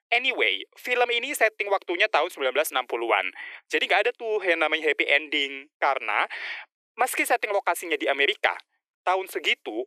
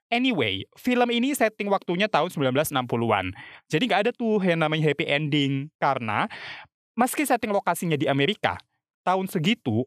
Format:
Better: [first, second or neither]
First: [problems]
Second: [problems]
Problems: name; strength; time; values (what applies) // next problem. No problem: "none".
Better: second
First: thin; very; fading below 350 Hz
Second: none